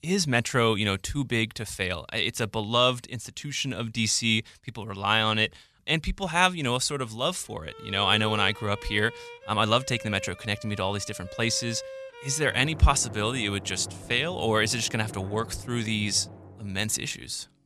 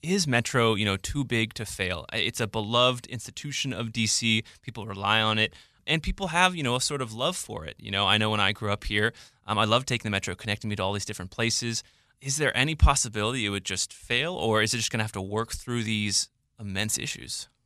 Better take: second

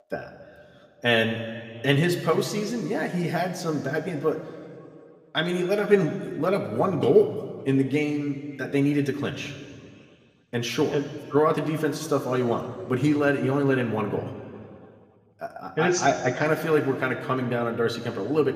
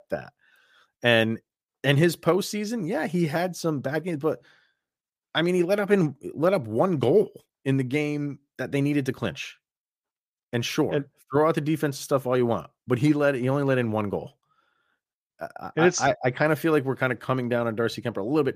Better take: second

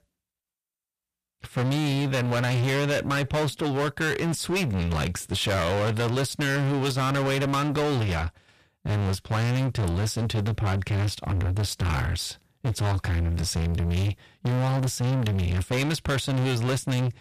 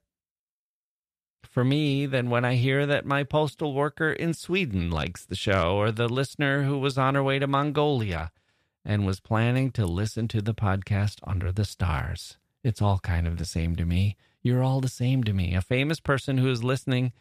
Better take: second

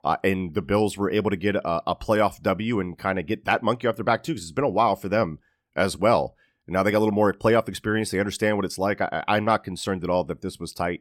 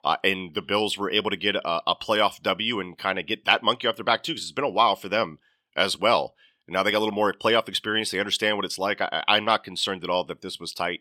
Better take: first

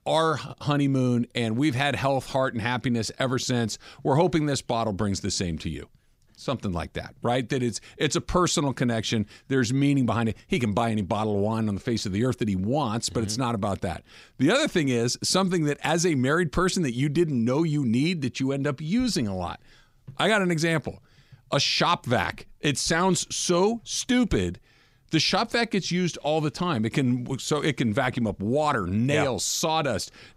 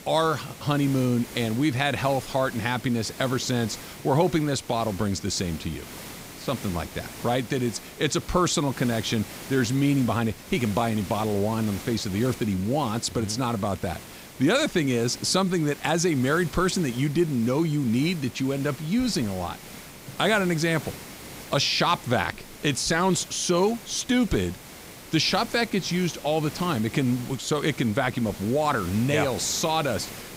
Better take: first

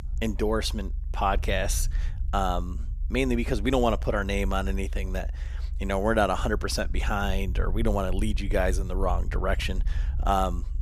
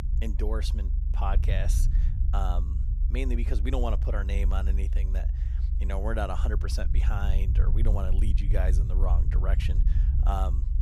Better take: first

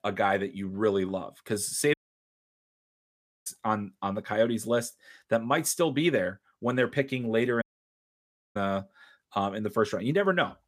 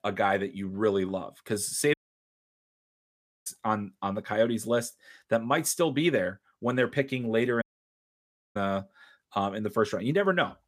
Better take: neither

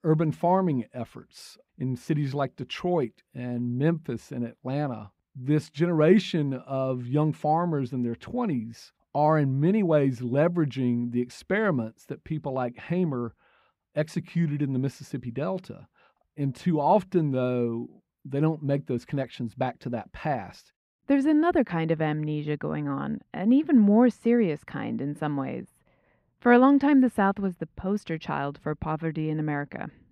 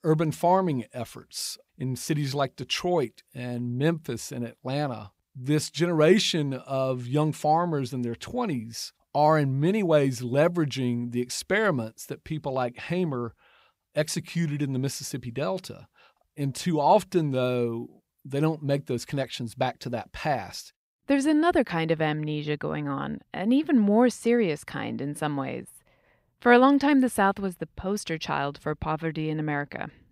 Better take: second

